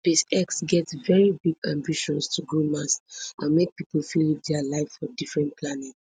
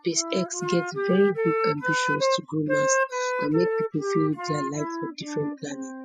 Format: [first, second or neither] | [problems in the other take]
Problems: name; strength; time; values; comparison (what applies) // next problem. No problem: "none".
first | noise reduction (classical method spectral subtraction)